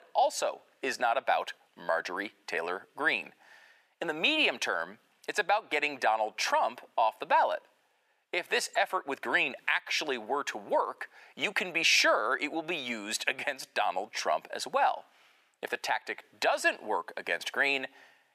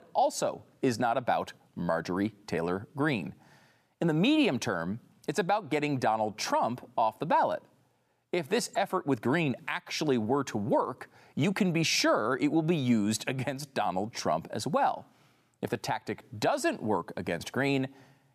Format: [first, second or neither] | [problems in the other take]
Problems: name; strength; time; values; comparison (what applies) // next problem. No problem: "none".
second | thin; very; fading below 600 Hz